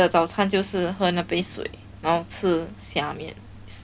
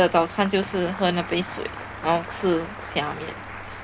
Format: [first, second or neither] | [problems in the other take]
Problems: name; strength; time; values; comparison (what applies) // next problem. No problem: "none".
first | background sound (Applause); 12 dB below the speech